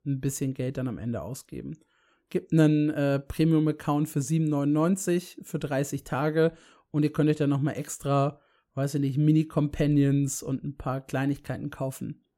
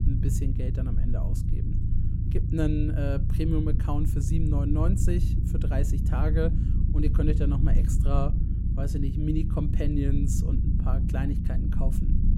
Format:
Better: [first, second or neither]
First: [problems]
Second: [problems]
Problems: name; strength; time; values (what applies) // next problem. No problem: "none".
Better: first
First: none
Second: low rumble; loud; throughout; 5 dB below the speech